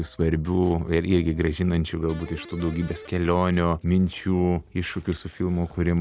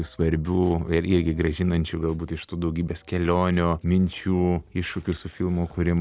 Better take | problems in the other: second | background sound (Electric guitar); 17 dB below the speech

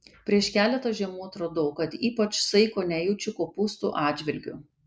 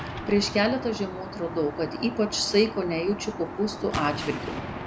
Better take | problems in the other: first | background sound (Aircraft + Explosion); 8 dB below the speech

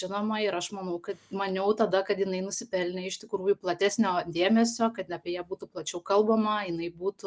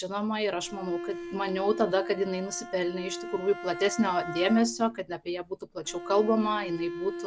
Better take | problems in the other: first | background sound (Bowed string instrument); 10 dB below the speech

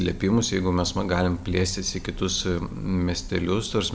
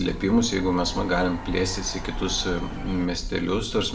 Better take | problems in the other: first | background sound (Crowd / Cheering); 16 dB below the speech // room echo; dies away in 0.3 s

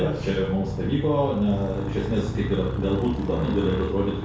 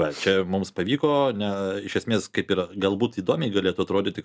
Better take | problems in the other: second | background sound (Motorcycle); 5 dB below the speech // room echo; dies away in 0.6 s

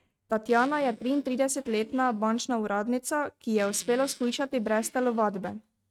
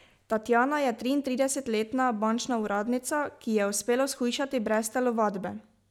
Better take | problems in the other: second | noise reduction (neural mask model RNNoise)

